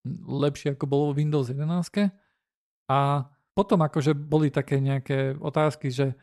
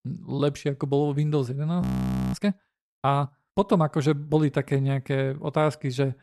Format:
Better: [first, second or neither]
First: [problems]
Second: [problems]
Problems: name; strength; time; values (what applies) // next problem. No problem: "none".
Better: first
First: none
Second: audio freezing; at 2 s for 0.5 s